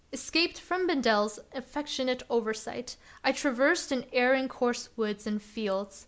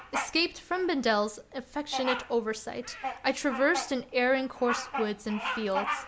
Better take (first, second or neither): first